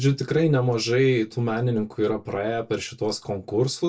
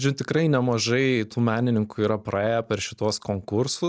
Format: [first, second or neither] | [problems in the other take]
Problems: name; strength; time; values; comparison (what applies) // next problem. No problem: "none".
second | room echo; dies away in 0.1 s